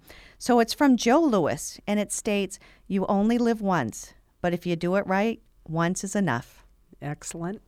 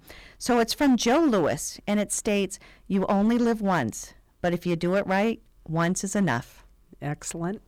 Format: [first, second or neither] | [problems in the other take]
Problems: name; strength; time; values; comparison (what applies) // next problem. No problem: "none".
first | distortion; slight; 6% of the sound clipped